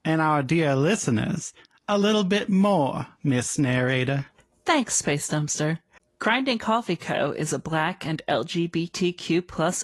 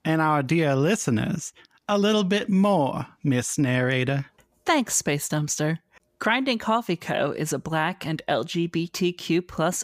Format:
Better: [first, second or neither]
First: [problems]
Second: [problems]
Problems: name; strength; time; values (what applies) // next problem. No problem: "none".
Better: second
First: garbled, watery; slightly; nothing above 11.5 kHz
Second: none